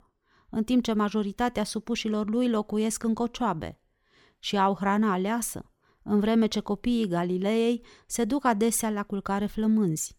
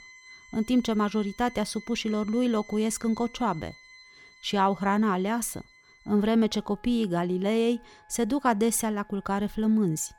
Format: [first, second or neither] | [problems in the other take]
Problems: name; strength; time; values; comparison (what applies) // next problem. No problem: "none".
first | background music; faint; throughout; 25 dB below the speech